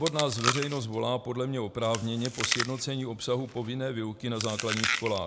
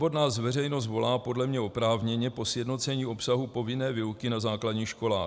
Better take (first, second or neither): second